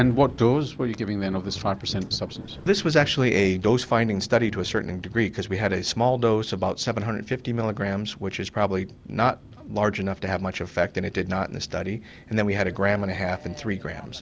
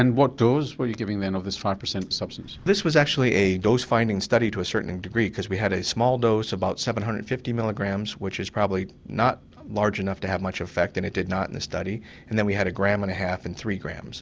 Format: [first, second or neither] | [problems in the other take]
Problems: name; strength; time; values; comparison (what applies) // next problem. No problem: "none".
second | background sound (Thunder / Rain); 20 dB below the speech